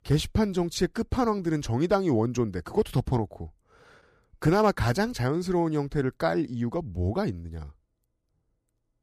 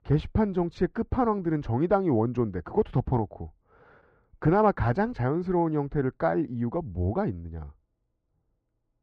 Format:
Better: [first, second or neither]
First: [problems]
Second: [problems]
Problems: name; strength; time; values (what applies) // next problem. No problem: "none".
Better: first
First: none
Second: muffled; very; fading above 1.5 kHz